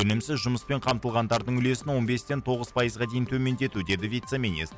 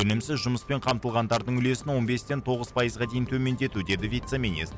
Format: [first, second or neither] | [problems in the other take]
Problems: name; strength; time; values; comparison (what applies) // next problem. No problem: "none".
first | background sound (Thunder / Rain); 17 dB below the speech